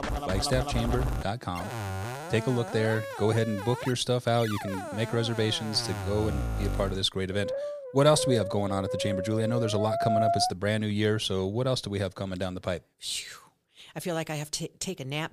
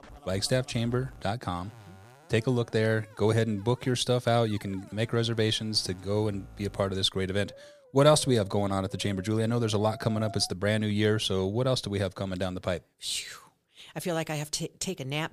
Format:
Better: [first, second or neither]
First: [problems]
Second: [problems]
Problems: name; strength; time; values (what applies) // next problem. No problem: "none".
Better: second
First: background music; loud; until 11 s; 5 dB below the speech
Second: background music; faint; until 11 s; 25 dB below the speech